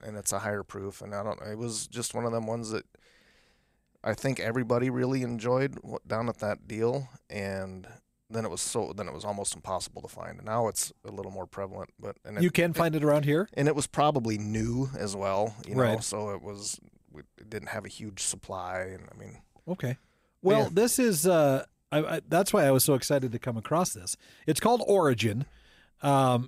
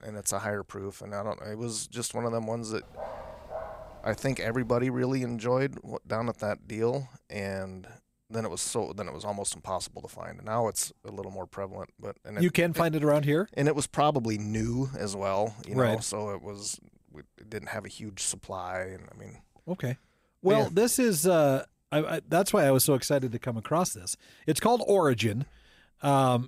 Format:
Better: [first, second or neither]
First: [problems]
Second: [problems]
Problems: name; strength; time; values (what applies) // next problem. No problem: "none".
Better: first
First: none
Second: dog barking; faint; from 3 to 4.5 s; peak 10 dB below the speech